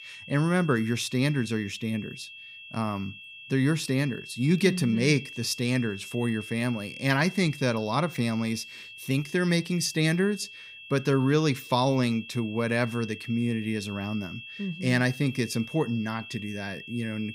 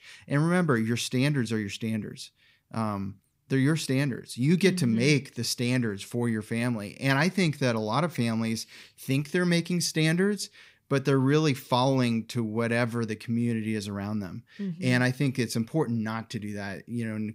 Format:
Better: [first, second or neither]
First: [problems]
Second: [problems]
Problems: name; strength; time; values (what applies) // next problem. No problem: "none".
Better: second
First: high-pitched whine; noticeable; throughout; 2.5 kHz, 15 dB below the speech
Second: none